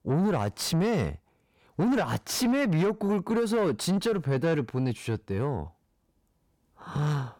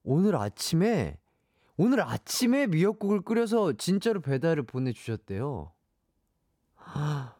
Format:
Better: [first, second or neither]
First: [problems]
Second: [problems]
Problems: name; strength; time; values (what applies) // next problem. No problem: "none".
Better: second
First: distortion; slight; 9 dB below the speech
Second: none